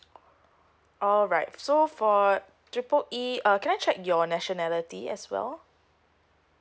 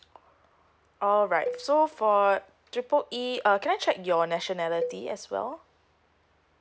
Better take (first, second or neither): first